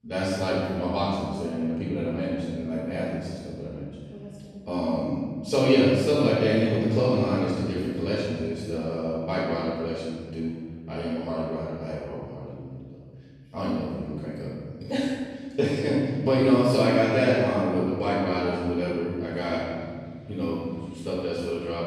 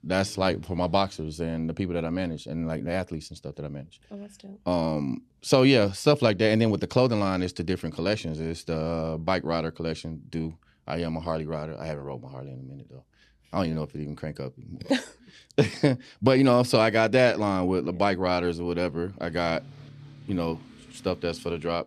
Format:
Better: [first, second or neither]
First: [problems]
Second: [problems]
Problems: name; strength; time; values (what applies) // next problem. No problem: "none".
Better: second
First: off-mic speech; far // room echo; strong; dies away in 1.7 s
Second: none